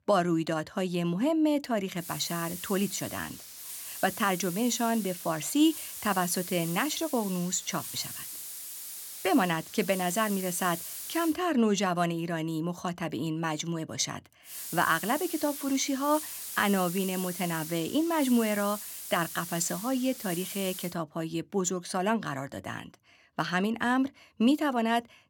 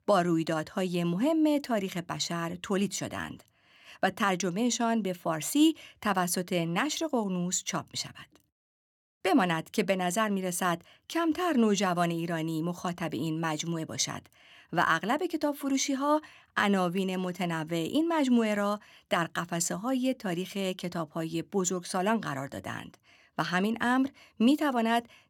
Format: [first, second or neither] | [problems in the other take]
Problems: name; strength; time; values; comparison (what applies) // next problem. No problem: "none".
second | hiss; loud; from 2 to 11 s and from 15 to 21 s; 8 dB below the speech